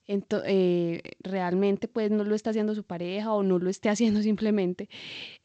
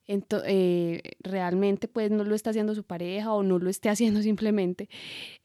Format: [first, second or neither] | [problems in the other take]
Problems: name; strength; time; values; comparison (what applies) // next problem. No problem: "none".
second | garbled, watery; slightly; nothing above 7.5 kHz